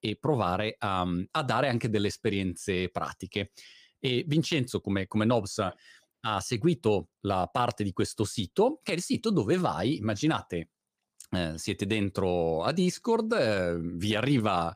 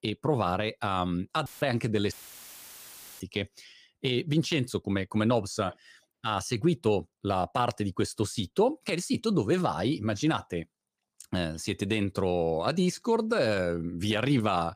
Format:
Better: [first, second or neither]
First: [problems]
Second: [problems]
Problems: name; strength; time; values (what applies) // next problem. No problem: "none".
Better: first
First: none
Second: audio cutting out; filled with static; at 1.5 s and at 2 s for 1 s